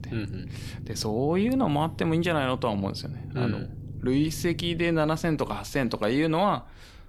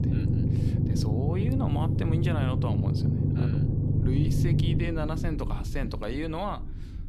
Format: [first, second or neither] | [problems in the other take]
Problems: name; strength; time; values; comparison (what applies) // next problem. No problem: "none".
first | low rumble; loud; throughout; 1 dB below the speech; faint in the first